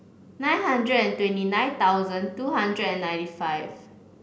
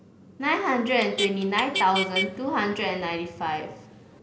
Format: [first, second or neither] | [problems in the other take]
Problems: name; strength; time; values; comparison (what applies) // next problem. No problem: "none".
first | background sound (Motor vehicle (road)); 8 dB below the speech